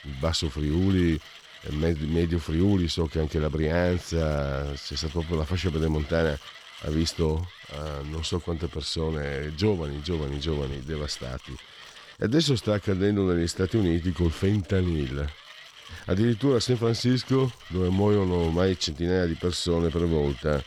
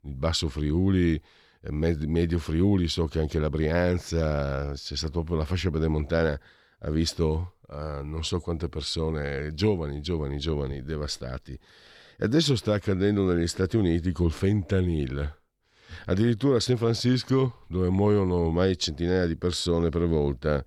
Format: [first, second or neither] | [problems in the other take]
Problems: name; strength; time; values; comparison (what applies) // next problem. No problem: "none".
second | machinery noise; noticeable; throughout; 20 dB below the speech